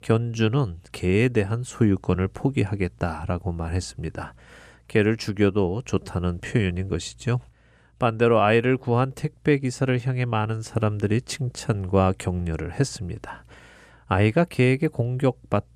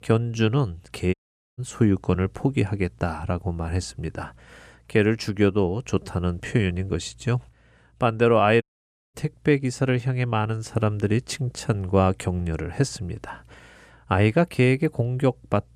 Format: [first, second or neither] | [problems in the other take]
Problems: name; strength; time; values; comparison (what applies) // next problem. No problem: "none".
first | audio cutting out; at 1 s and at 8.5 s for 0.5 s